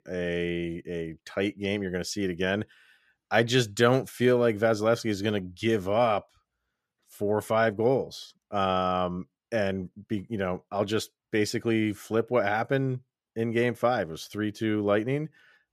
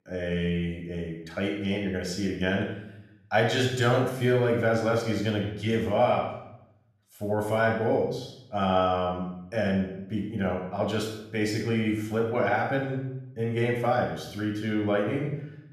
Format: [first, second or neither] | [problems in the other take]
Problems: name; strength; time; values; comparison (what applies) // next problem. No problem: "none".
first | off-mic speech; somewhat distant // room echo; noticeable; dies away in 0.7 s